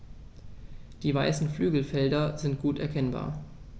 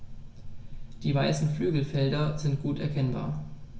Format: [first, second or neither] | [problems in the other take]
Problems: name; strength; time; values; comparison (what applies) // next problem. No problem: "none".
first | room echo; dies away in 0.6 s